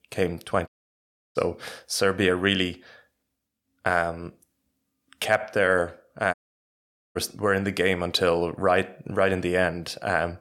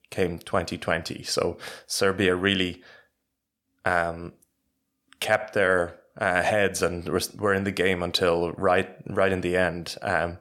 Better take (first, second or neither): second